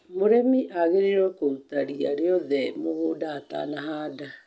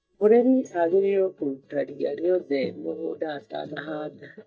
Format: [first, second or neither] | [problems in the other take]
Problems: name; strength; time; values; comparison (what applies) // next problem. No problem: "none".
first | noise reduction (neural mask model DeepFilterNet 3)